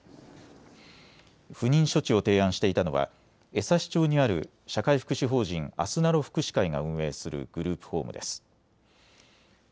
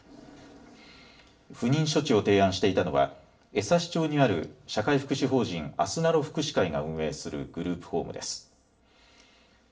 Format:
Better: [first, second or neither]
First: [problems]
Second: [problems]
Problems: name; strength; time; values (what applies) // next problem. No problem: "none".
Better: first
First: none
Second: room echo; dies away in 0.4 s